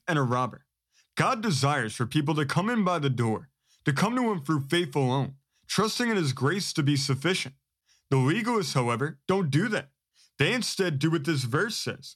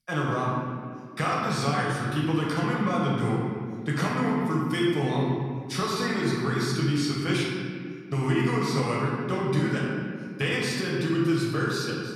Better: first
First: none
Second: room echo; noticeable; dies away in 1.9 s // off-mic speech; far

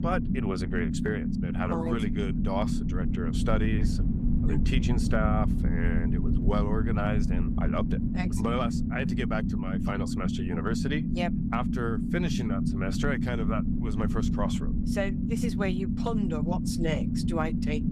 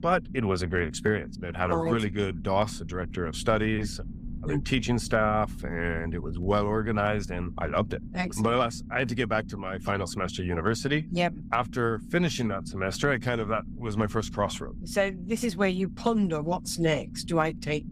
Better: second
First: low rumble; loud; throughout; 3 dB below the speech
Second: low rumble; faint; throughout; 20 dB below the speech

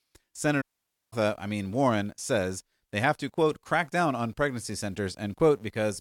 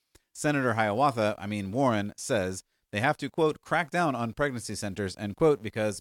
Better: second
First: audio cutting out; at 0.5 s for 0.5 s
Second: none

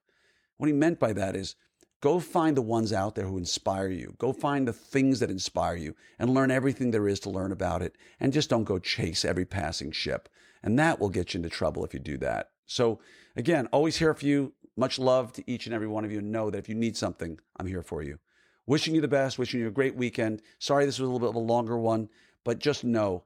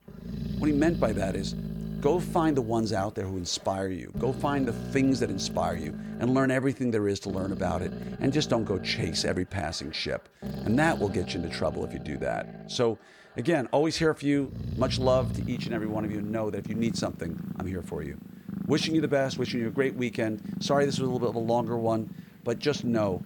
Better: first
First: none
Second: animal sounds; loud; throughout; 8 dB below the speech

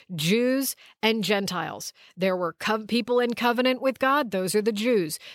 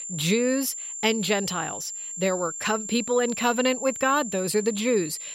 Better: first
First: none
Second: high-pitched whine; loud; throughout; 7.5 kHz, 7 dB below the speech

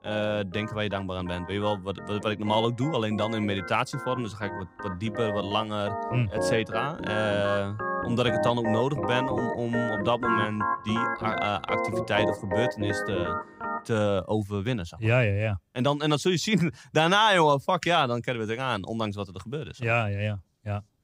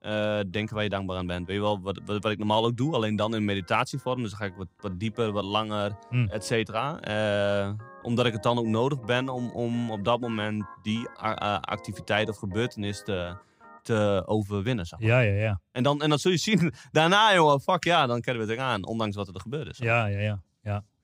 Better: second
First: background music; loud; throughout; 4 dB below the speech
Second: background music; faint; throughout; 25 dB below the speech

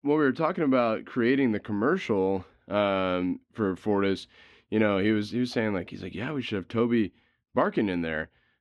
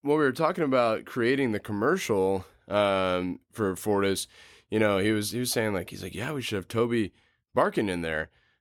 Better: second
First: muffled; very slightly; fading above 3 kHz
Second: none

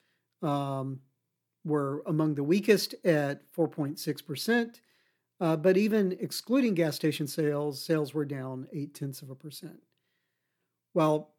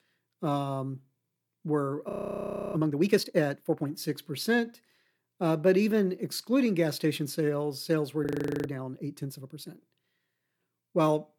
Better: first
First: none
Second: audio freezing; at 2 s for 0.5 s and at 8.5 s

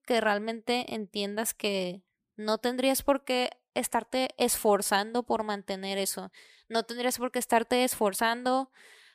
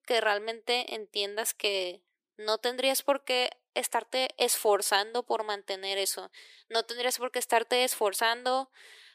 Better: first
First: none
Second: thin; somewhat; fading below 350 Hz

